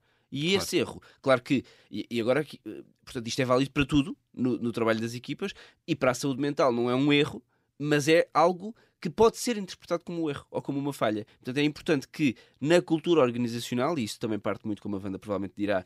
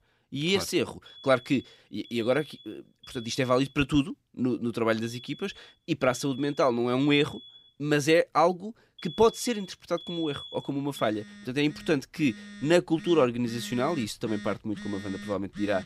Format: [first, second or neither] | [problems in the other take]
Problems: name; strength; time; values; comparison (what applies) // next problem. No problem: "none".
first | alarms or sirens; noticeable; throughout; 15 dB below the speech